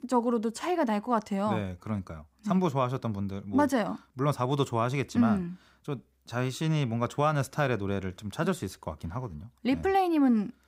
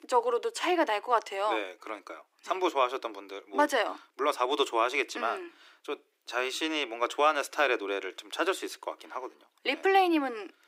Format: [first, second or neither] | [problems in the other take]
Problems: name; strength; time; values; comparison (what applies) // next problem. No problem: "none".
first | thin; very; fading below 300 Hz